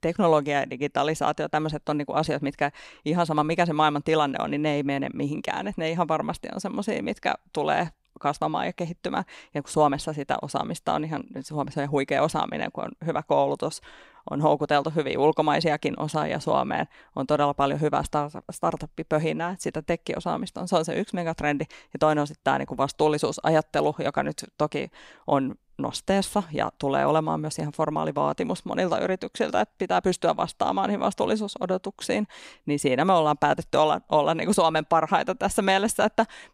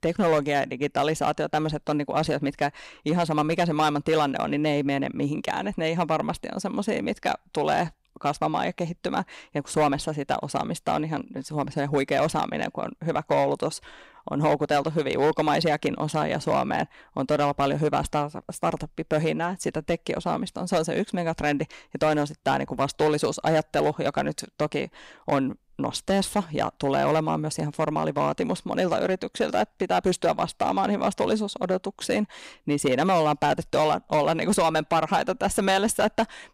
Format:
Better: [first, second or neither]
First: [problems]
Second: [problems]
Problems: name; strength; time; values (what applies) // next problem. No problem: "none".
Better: first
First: none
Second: distortion; slight; 5% of the sound clipped